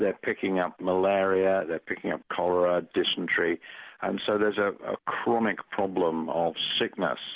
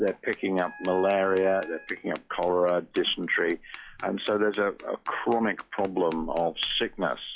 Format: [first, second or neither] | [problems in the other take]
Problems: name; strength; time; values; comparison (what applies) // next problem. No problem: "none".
first | noise reduction (classical method log-MMSE)